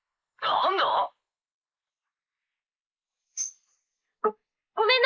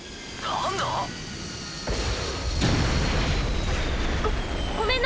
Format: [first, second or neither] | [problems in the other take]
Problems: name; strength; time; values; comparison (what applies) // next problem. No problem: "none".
second | noise reduction (neural mask model Resemble Enhance denoiser)